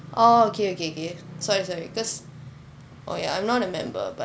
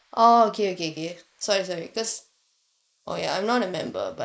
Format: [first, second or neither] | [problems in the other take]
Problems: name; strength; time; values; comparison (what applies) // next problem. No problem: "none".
first | noise reduction (neural mask model Resemble Enhance denoiser)